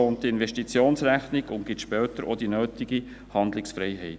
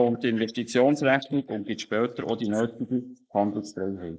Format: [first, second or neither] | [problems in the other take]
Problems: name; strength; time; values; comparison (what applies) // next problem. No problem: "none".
first | noise reduction (neural mask model Resemble Enhance denoiser)